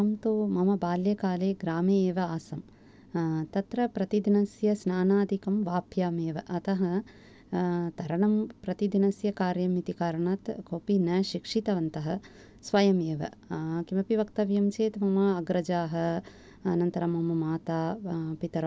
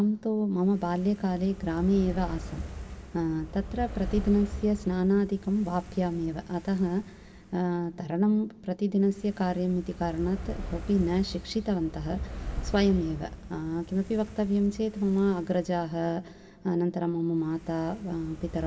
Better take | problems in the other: first | background sound (Fire); 12 dB below the speech // room echo; dies away in 2.3 s

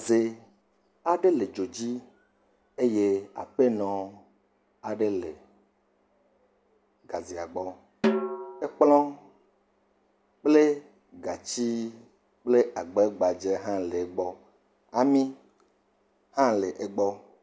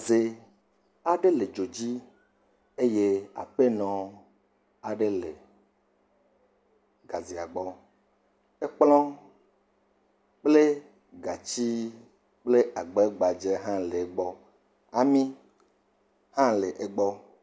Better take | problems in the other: second | background sound (Snare drum); 5 dB below the speech

